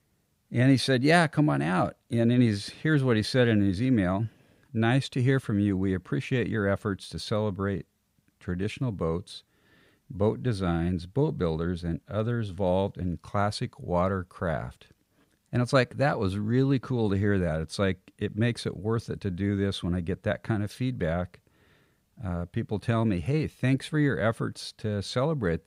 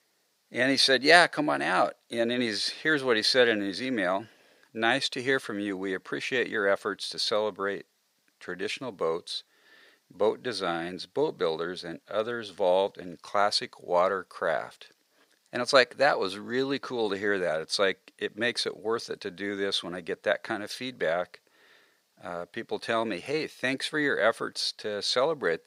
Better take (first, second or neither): first